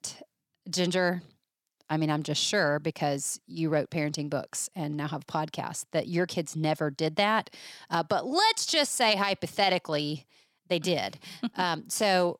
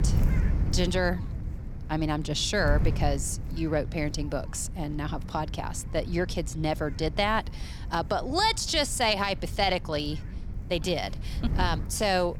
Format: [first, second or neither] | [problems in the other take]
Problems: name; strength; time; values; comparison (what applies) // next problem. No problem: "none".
first | wind noise on the microphone; occasional gusts; 20 dB below the speech